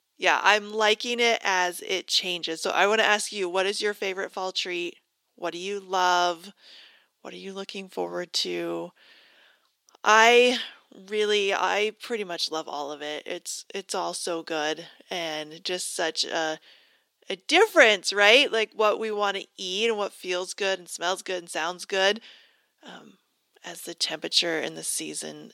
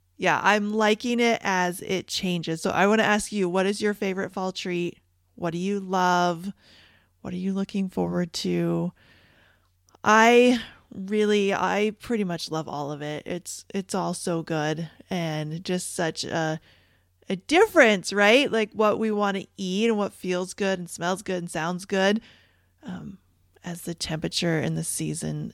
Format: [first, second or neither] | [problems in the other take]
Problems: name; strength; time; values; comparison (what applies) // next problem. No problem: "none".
second | thin; somewhat; fading below 350 Hz